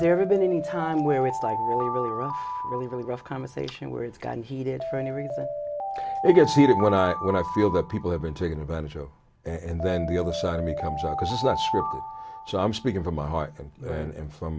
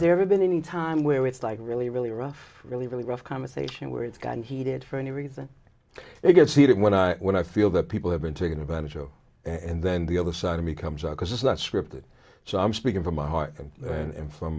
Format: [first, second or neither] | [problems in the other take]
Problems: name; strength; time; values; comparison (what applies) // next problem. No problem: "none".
second | background sound (Alarm); 6 dB below the speech